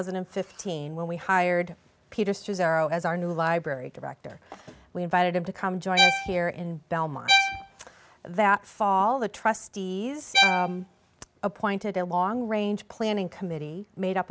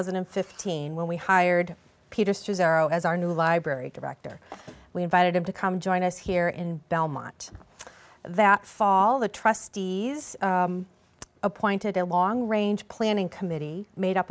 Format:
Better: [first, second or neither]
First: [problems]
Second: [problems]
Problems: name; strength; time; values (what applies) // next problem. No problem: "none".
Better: second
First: background sound (Bowed string instrument); 1 dB above the speech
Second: none